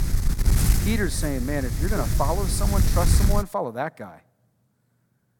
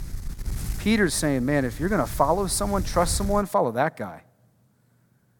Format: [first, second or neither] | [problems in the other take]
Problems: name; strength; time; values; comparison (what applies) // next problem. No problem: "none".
second | wind noise on the microphone; heavy; until 3.5 s; 5 dB below the speech; occasional gusts in the second